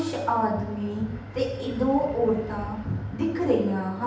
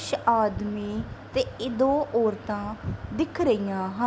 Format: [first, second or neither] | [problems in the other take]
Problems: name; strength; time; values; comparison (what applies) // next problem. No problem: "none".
second | background sound (Animal); 17 dB below the speech // room echo; dies away in 0.9 s